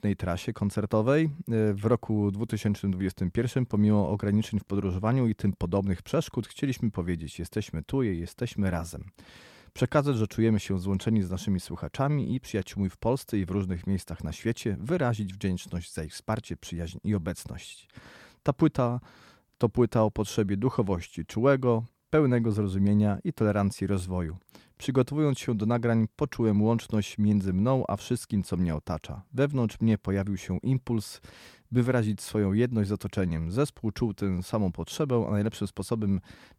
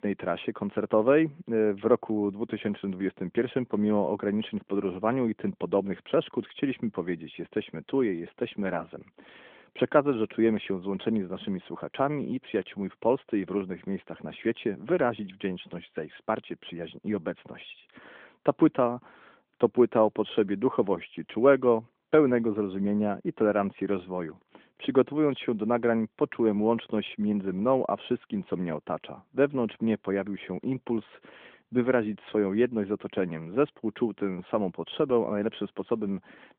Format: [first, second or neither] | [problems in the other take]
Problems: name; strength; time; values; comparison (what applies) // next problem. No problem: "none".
first | phone-call audio; nothing above 3.5 kHz